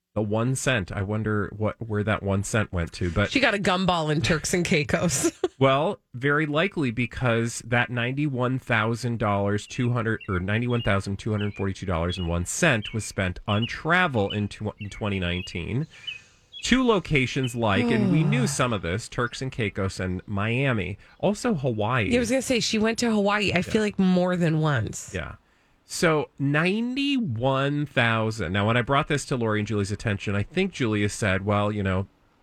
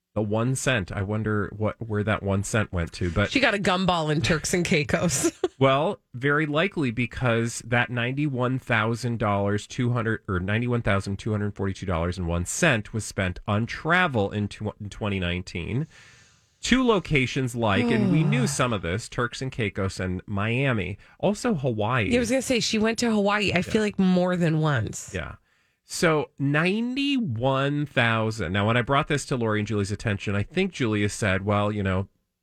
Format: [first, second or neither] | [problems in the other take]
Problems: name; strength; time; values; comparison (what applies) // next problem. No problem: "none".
second | animal sounds; noticeable; from 10 s on; 15 dB below the speech